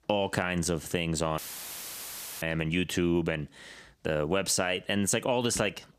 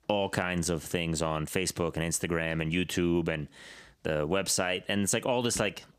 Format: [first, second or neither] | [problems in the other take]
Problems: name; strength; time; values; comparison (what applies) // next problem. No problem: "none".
second | audio cutting out; filled with static; at 1.5 s for 1 s